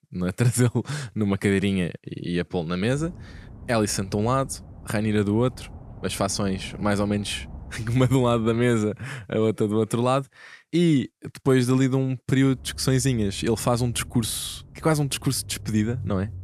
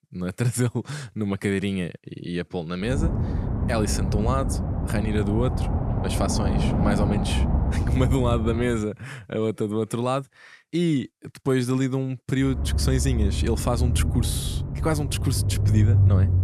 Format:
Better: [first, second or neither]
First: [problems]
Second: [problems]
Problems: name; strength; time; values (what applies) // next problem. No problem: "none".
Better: first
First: low rumble; faint; from 3 to 9 s and from 13 s on; 25 dB below the speech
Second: low rumble; loud; from 3 to 9 s and from 13 s on; 5 dB below the speech